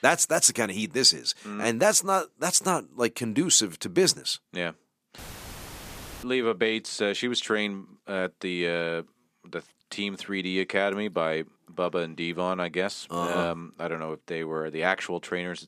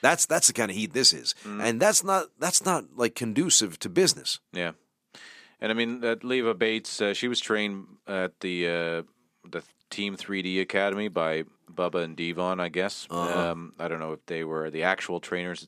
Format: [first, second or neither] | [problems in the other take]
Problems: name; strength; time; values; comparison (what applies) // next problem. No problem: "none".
second | audio cutting out; filled with static; at 5 s for 1 s